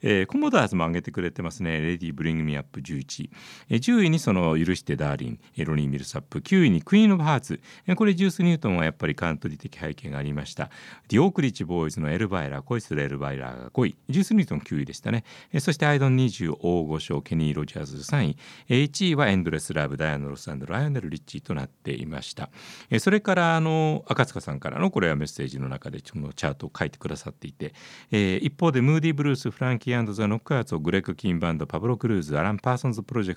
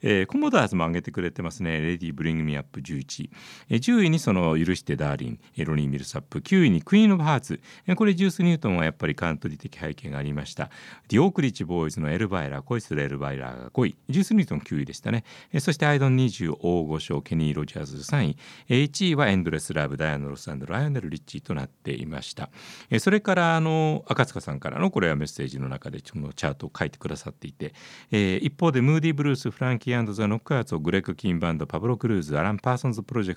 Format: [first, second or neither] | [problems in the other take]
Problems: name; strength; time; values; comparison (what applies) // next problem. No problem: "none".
neither | none